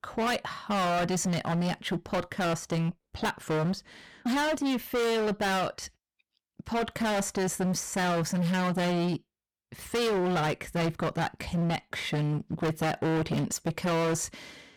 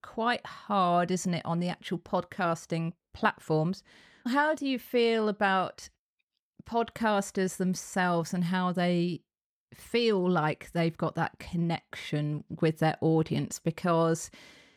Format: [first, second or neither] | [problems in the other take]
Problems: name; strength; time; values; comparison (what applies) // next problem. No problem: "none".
second | distortion; heavy; 27% of the sound clipped